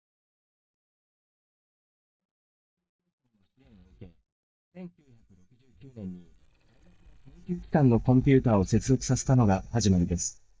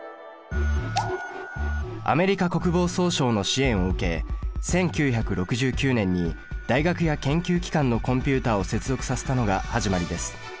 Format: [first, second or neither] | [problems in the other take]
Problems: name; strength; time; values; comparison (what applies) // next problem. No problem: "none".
second | noise reduction (neural mask model DeepFilterNet 3)